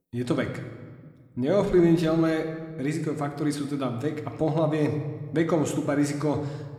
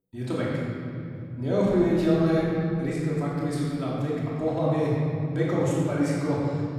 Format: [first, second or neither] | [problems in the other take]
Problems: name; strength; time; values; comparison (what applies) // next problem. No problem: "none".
first | room echo; strong; dies away in 3 s; slight in the first // off-mic speech; far